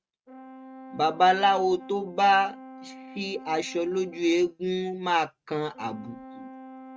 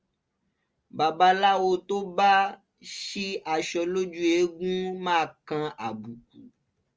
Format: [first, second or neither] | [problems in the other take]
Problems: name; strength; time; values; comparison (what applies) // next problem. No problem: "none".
second | noise reduction (neural mask model RNNoise)